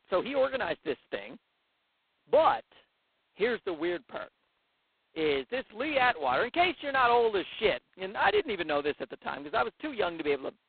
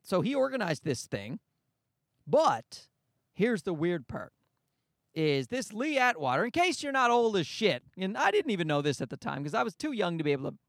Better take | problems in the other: second | phone-call audio; poor line; nothing above 4 kHz

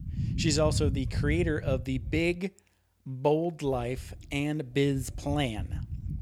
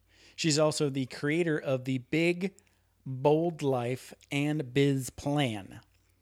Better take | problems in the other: second | low rumble; noticeable; until 2.5 s and from 3.5 s on; 15 dB below the speech

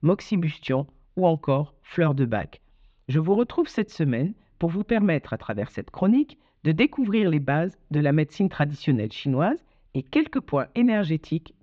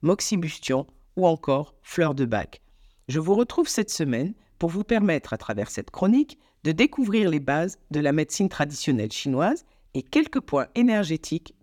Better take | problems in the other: second | muffled; very; fading above 3.5 kHz

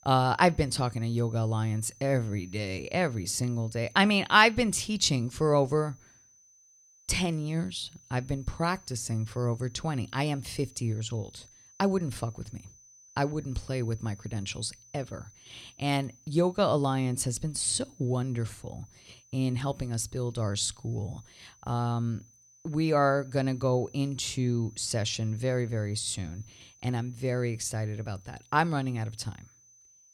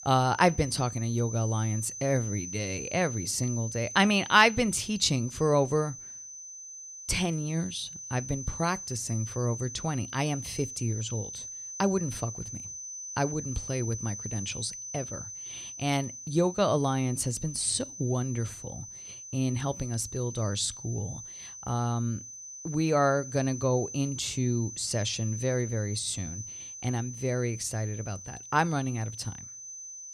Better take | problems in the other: first | high-pitched whine; loud; throughout; 6 kHz, 10 dB below the speech; faint in the first

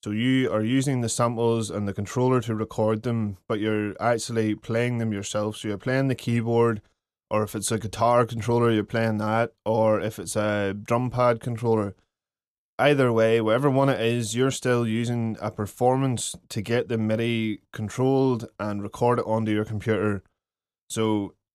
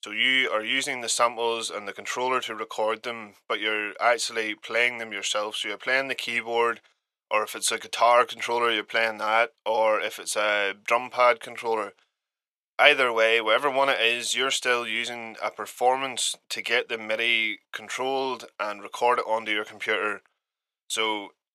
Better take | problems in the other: first | thin; very; fading below 700 Hz

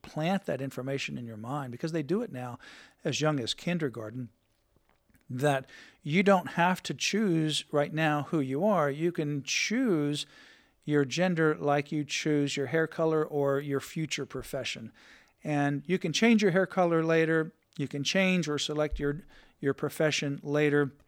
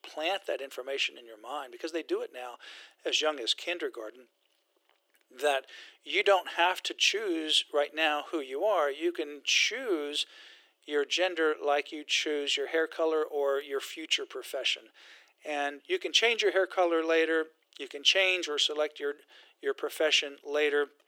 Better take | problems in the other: first | thin; very; fading below 350 Hz

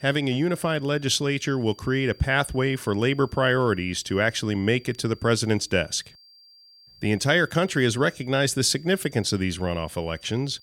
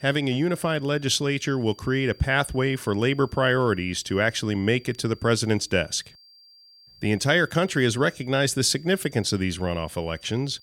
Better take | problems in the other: neither | high-pitched whine; faint; throughout; 4.5 kHz, 25 dB below the speech; the same in both

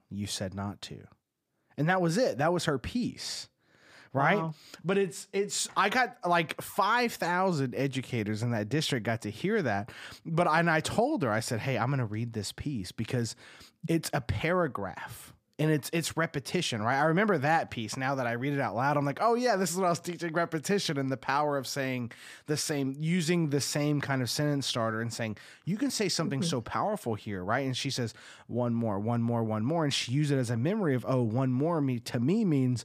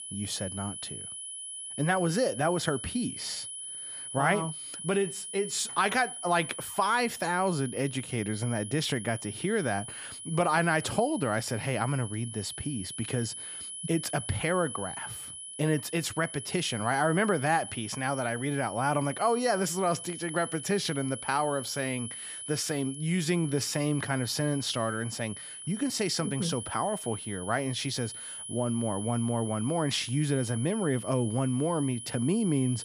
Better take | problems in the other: first | high-pitched whine; loud; throughout; 10 kHz, 8 dB below the speech

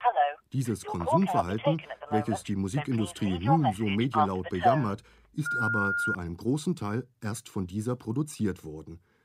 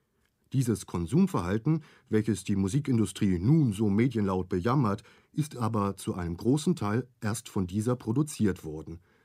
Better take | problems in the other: second | phone ringing; loud; until 6 s; peak 5 dB above the speech

